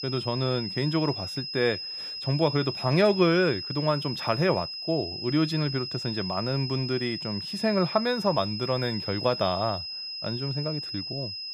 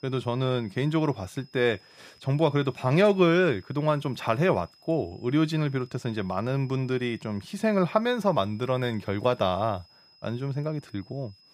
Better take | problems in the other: second | high-pitched whine; loud; throughout; 5 kHz, 6 dB below the speech; faint in the second

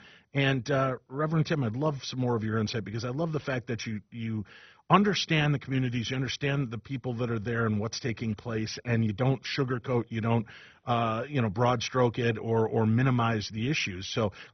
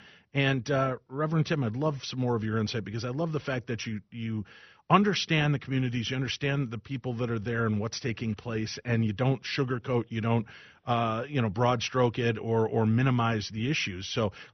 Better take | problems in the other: second | garbled, watery; badly; nothing above 6 kHz; slightly in the second

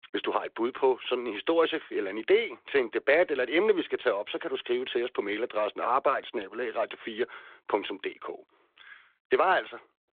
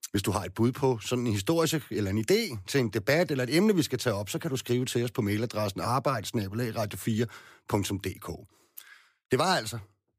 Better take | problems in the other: second | phone-call audio

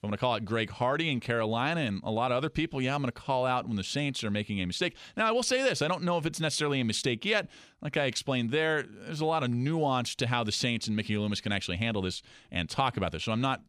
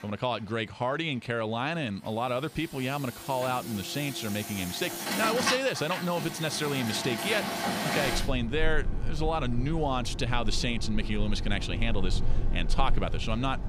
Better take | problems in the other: first | traffic noise; loud; throughout; 3 dB below the speech

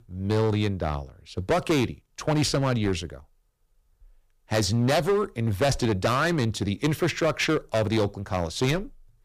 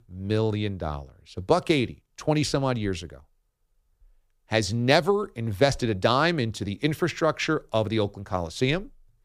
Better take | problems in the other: second | distortion; heavy; 9% of the sound clipped

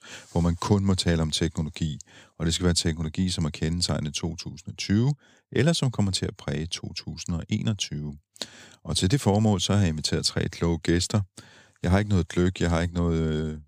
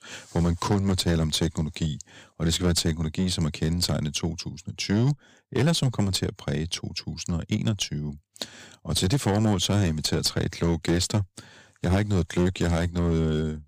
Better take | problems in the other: first | distortion; slight; 8% of the sound clipped

